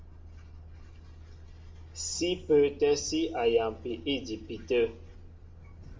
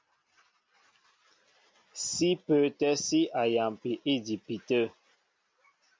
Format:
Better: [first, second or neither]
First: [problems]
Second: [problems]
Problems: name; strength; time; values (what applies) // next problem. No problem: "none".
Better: second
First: background sound (Truck); 16 dB below the speech // room echo; dies away in 0.4 s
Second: none